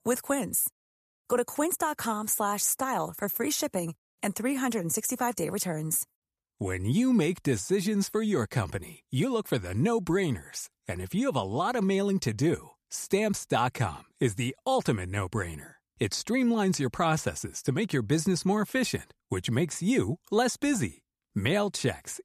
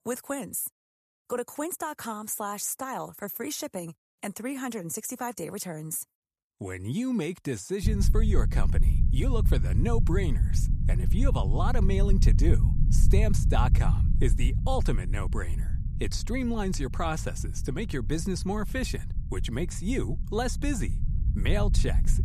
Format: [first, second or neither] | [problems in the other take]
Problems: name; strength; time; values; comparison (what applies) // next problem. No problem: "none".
first | low rumble; loud; from 8 s on; 10 dB below the speech